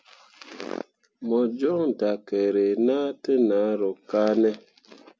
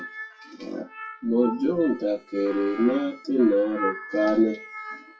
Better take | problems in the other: first | noise reduction (classical method WPE with log-MMSE)

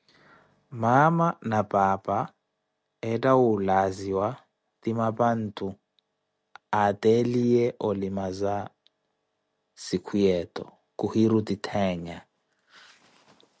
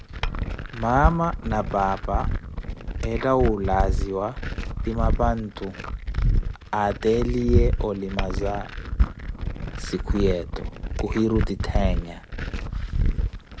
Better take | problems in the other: first | background sound (Glass); 1 dB above the speech

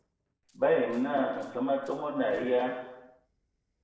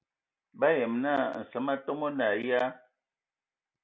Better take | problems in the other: second | noise reduction (neural separator model SepFormer DNS4)

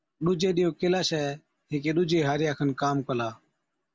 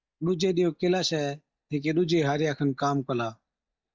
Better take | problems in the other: first | noise reduction (neural mask model DeepFilterNet 3)

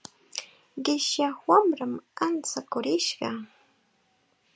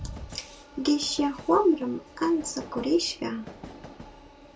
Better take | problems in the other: first | background sound (Train); 15 dB below the speech // room echo; dies away in 0.2 s

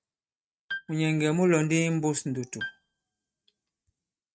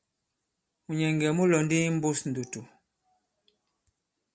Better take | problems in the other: second | noise reduction (neural mask model RNNoise)

